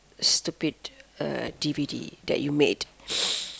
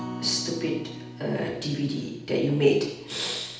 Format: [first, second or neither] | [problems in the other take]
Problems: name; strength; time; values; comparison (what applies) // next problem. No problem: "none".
first | background sound (Acoustic guitar); 13 dB below the speech // room echo; dies away in 0.8 s